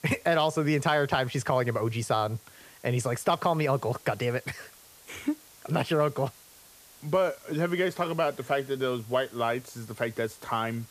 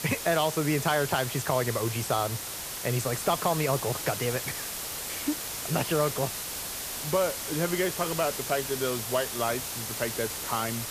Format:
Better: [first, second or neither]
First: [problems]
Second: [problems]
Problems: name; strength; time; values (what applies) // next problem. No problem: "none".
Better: first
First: hiss; faint; throughout; 25 dB below the speech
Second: hiss; loud; throughout; 3 dB below the speech